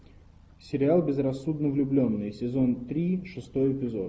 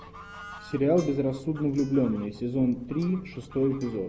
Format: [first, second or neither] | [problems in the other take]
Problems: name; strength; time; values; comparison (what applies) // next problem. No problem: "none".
first | background sound (Acoustic guitar + Bird / Fowl); 19 dB below the speech